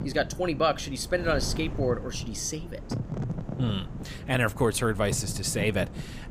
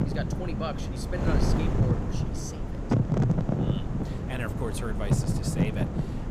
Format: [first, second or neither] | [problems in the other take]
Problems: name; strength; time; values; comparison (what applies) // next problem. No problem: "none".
first | wind noise on the microphone; heavy; 2 dB above the speech; occasional gusts in the first